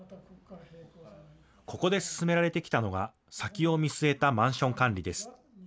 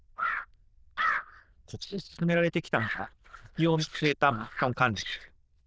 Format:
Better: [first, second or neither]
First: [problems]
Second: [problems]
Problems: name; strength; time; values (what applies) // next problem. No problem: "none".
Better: first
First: none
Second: noise reduction (neural diffusion model UNIVERSE++)